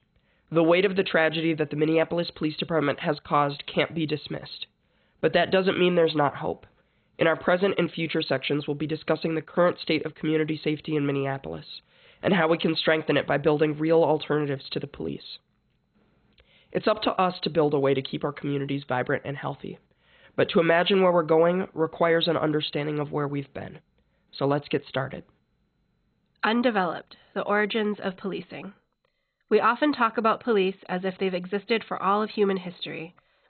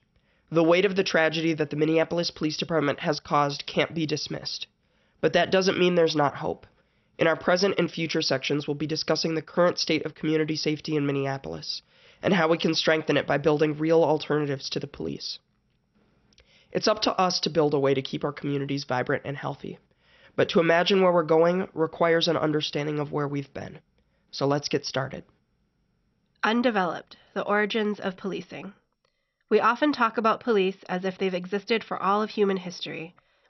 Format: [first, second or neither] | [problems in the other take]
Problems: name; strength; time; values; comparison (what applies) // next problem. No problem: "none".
second | garbled, watery; badly; nothing above 4 kHz; slightly in the second